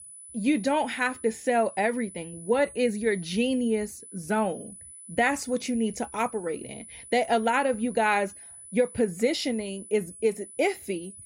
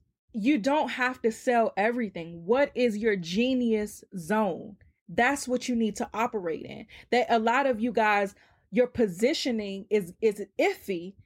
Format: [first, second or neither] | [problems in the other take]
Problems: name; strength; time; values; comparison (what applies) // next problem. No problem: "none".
second | high-pitched whine; noticeable; throughout; 10 kHz, 15 dB below the speech